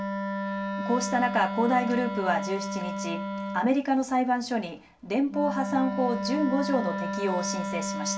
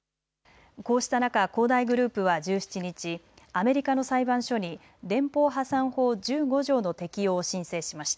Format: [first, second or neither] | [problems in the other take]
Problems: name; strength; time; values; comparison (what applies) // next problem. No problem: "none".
second | background sound (Wind instrument, woodwind instrument); 4 dB below the speech // room echo; dies away in 0.2 s